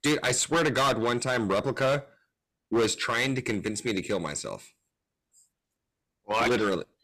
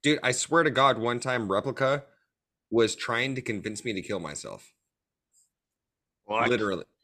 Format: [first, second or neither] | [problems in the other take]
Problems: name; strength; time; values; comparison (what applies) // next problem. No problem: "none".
second | distortion; heavy; 9% of the sound clipped